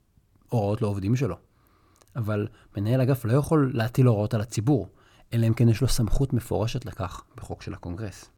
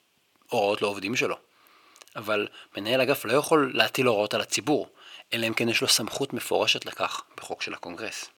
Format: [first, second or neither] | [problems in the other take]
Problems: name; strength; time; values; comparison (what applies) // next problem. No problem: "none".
first | thin; very; fading below 450 Hz